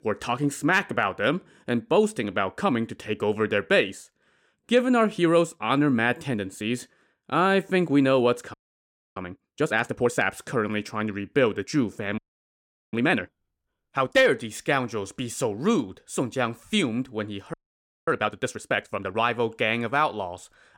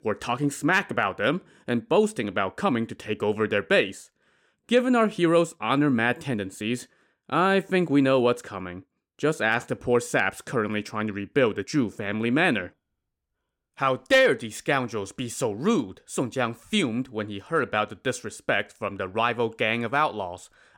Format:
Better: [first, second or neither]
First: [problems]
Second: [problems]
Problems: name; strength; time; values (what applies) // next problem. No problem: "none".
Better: second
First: audio freezing; at 8.5 s for 0.5 s, at 12 s for 1 s and at 18 s for 0.5 s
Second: none